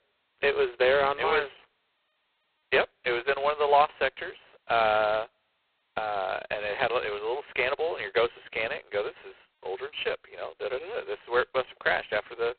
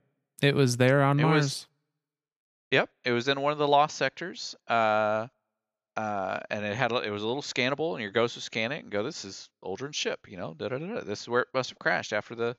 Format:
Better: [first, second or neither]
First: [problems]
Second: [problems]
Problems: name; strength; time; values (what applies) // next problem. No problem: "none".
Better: second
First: phone-call audio; poor line; nothing above 4 kHz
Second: none